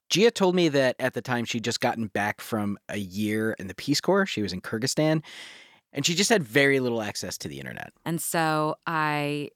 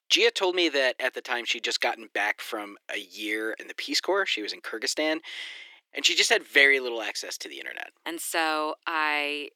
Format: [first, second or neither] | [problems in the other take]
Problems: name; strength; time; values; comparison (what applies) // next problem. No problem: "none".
first | thin; very; fading below 300 Hz